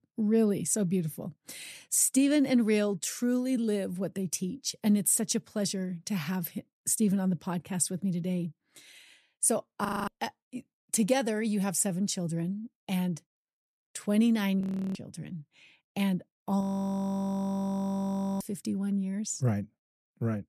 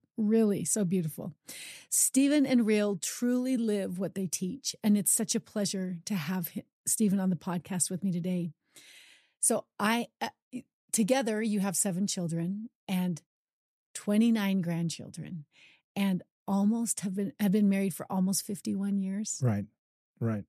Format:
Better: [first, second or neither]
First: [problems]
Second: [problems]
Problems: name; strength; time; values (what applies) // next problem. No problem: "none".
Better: second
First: audio freezing; at 10 s, at 15 s and at 17 s for 2 s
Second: none